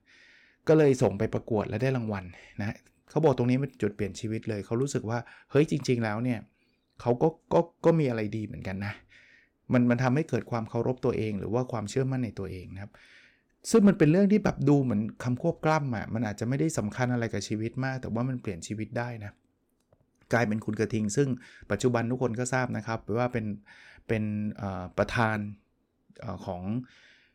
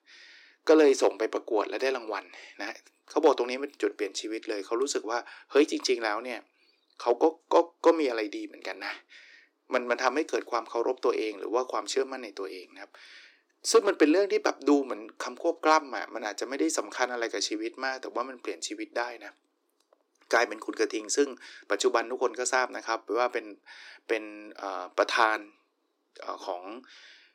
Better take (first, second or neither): first